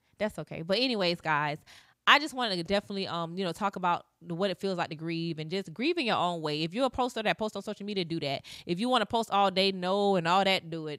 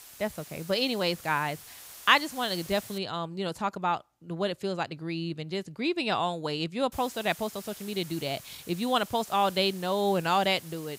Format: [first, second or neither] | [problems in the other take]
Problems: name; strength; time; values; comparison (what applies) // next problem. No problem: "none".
first | hiss; noticeable; until 3 s and from 7 s on; 15 dB below the speech